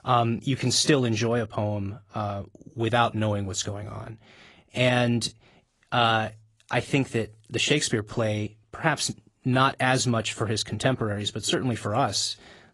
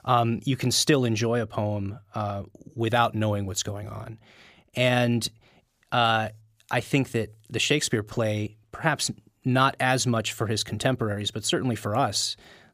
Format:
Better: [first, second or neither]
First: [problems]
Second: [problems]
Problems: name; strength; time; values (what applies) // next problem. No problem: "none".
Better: second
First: garbled, watery; slightly; nothing above 10.5 kHz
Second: none